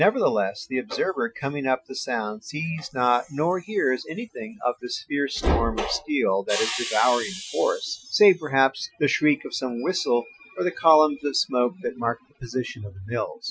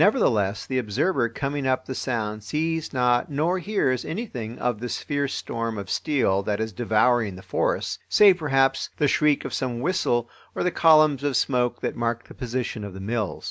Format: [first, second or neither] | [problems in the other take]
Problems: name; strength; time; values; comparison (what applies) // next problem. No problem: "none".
second | noise reduction (classical method Wiener filter)